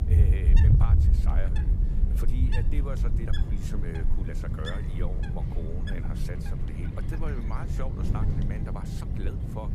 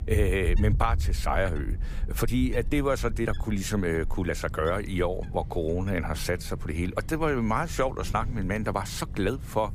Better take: second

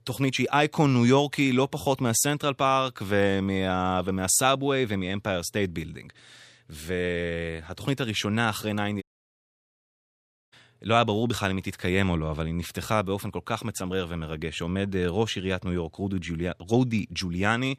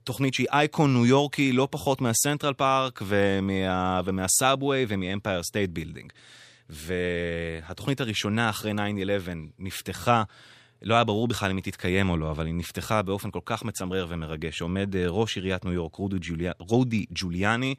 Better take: second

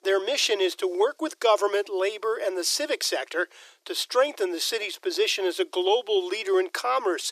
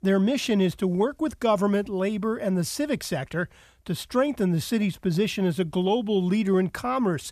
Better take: second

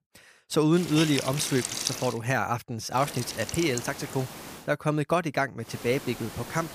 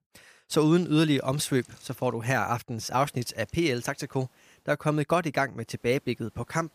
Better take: second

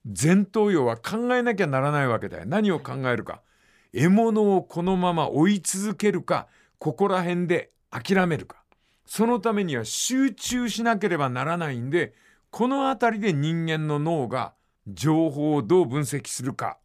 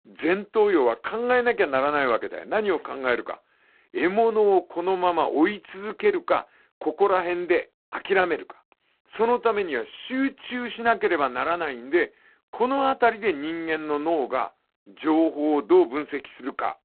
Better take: first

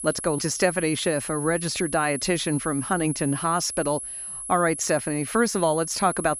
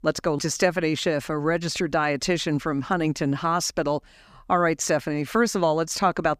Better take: second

